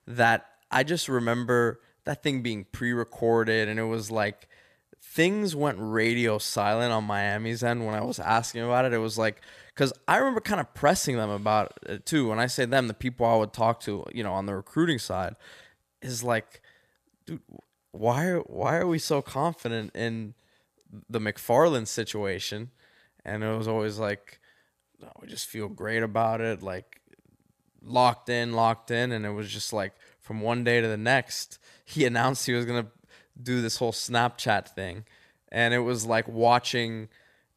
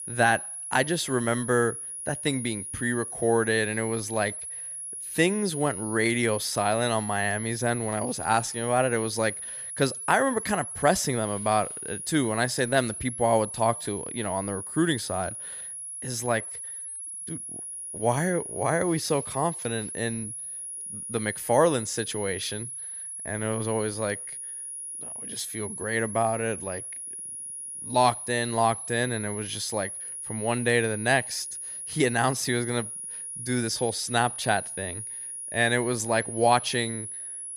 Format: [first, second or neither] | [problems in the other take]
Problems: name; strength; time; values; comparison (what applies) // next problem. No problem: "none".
first | high-pitched whine; loud; throughout; 10.5 kHz, 7 dB below the speech